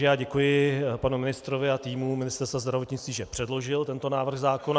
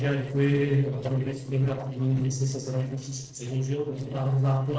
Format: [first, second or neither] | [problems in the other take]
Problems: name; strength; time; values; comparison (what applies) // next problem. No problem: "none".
first | noise reduction (neural separator model SepFormer DNS4)